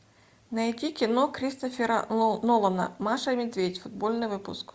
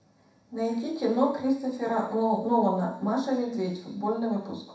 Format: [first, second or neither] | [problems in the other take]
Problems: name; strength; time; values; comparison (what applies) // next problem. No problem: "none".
first | room echo; dies away in 0.7 s